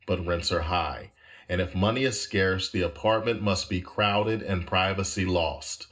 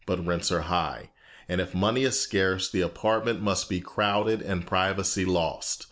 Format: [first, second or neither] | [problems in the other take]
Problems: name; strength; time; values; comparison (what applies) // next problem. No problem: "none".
second | room echo; dies away in 0.2 s